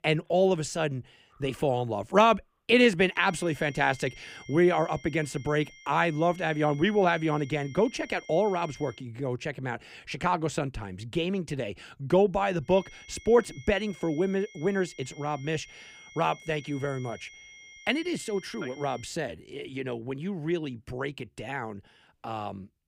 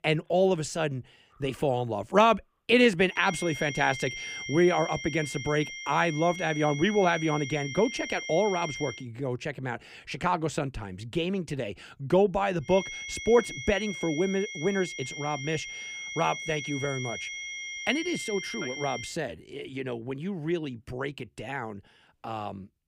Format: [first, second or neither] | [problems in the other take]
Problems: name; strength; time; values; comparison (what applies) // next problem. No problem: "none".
first | high-pitched whine; loud; from 3 to 9 s and from 13 to 19 s; 2 kHz, 8 dB below the speech; faint in the first